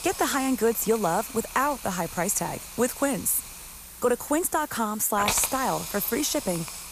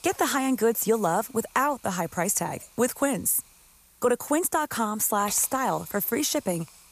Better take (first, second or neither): second